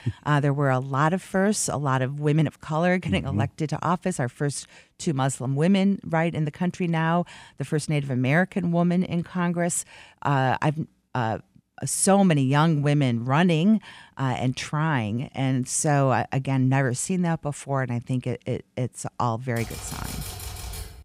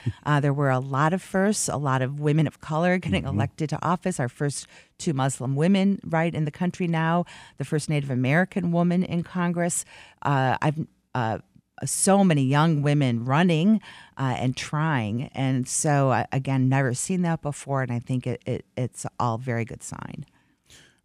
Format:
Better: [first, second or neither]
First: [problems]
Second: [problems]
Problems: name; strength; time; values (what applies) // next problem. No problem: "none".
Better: second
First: keyboard typing; noticeable; from 20 s on; peak 10 dB below the speech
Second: none